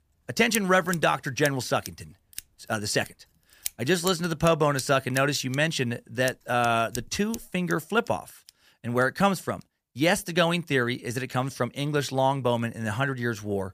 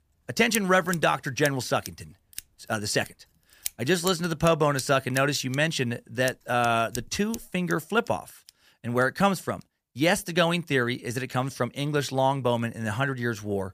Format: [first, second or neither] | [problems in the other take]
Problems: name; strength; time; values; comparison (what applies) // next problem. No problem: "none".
neither | household noises; noticeable; throughout; 15 dB below the speech; the same in both